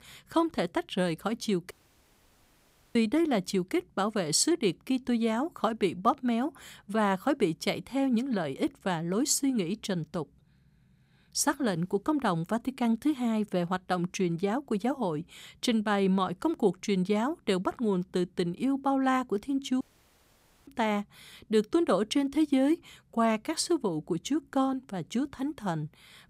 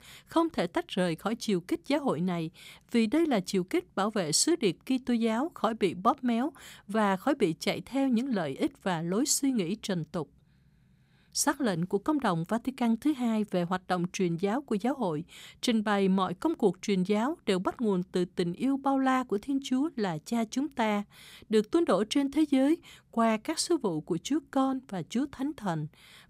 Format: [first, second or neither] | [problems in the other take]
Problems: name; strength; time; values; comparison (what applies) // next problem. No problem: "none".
second | audio cutting out; at 1.5 s for 1 s and at 20 s for 1 s